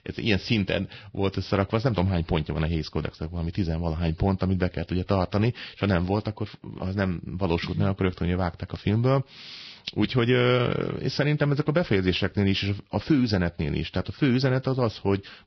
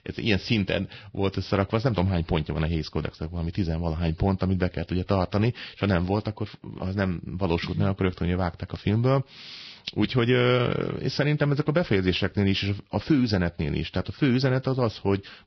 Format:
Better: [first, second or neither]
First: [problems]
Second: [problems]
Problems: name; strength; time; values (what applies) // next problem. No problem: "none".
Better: neither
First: garbled, watery; badly; nothing above 5.5 kHz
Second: garbled, watery; badly; nothing above 5.5 kHz